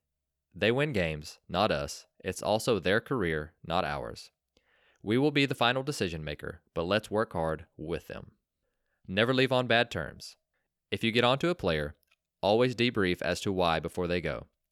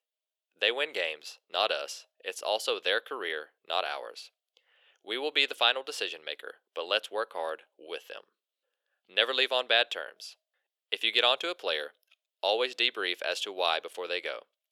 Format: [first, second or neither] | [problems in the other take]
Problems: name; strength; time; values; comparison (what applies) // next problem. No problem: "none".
first | thin; very; fading below 450 Hz